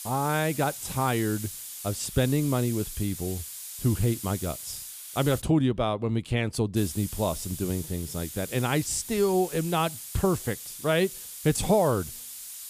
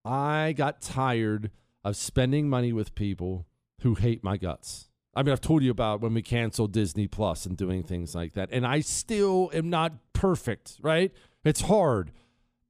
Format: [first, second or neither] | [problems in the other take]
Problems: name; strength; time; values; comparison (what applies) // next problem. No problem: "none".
second | hiss; loud; until 5.5 s and from 7 s on; 10 dB below the speech